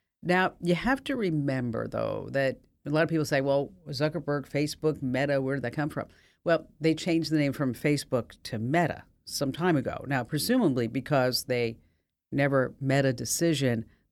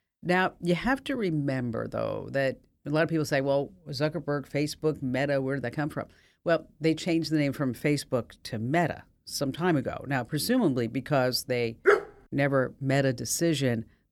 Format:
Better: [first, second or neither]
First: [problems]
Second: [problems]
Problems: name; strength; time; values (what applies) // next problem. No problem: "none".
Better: first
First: none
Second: dog barking; loud; at 12 s; peak 4 dB above the speech